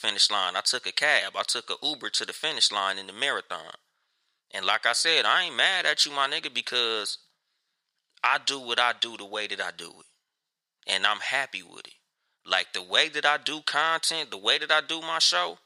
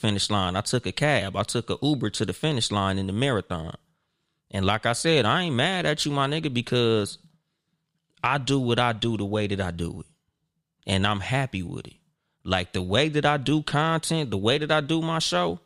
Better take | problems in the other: second | thin; very; fading below 750 Hz

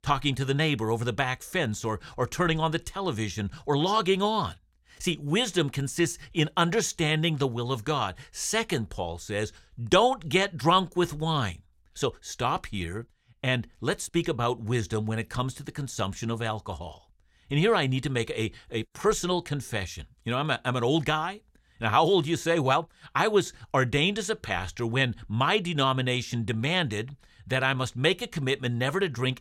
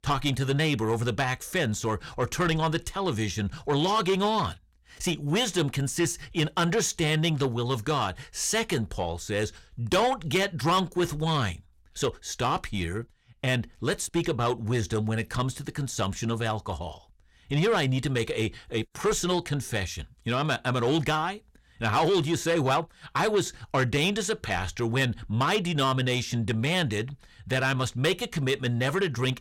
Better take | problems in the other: first | distortion; slight; 10 dB below the speech

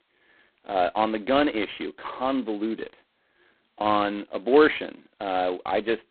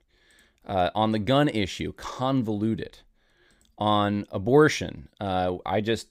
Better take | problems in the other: second | phone-call audio; poor line; nothing above 4 kHz

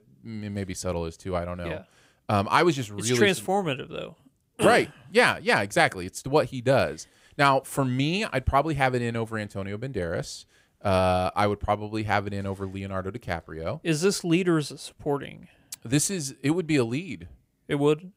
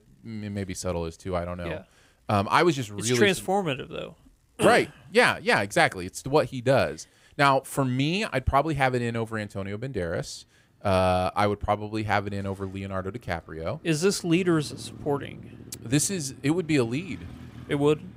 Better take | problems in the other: first | traffic noise; faint; throughout; 20 dB below the speech

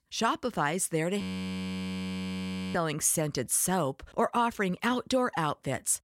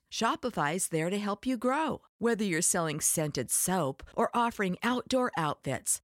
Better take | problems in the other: second | audio freezing; at 1 s for 1.5 s

